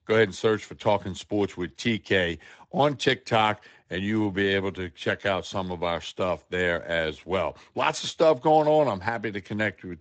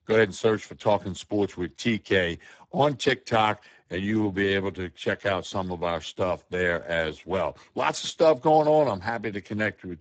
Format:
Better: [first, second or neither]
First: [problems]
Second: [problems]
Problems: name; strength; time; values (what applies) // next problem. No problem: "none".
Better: first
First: garbled, watery; slightly; nothing above 8 kHz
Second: garbled, watery; badly; nothing above 8 kHz